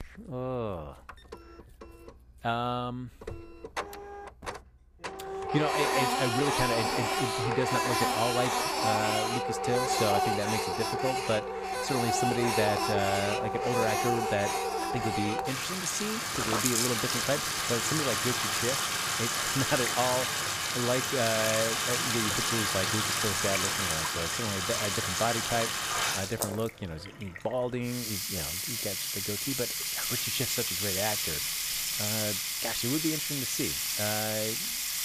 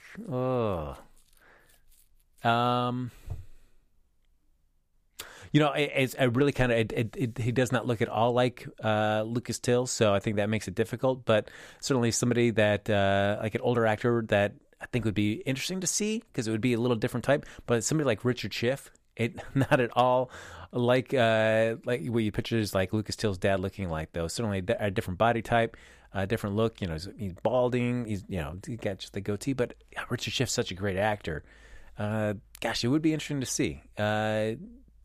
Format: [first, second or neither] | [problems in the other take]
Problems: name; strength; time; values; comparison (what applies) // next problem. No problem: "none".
second | household noises; very loud; throughout; 4 dB above the speech